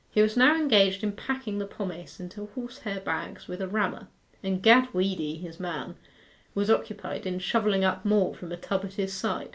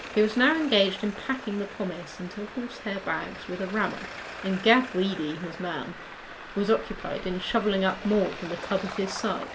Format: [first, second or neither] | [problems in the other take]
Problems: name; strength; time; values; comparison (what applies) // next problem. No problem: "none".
first | background sound (Traffic noise, roadway noise); 12 dB below the speech